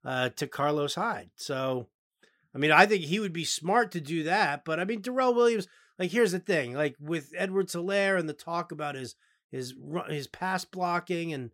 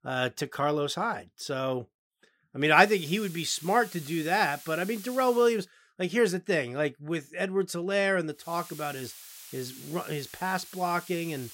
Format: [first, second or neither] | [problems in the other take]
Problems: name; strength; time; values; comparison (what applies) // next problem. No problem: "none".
first | hiss; noticeable; from 3 to 5.5 s and from 8.5 s on; 15 dB below the speech